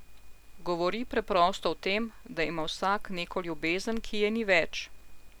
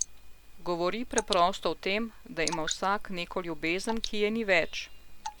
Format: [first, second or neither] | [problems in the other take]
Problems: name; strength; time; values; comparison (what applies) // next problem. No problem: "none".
first | background sound (Drip / Water); 10 dB below the speech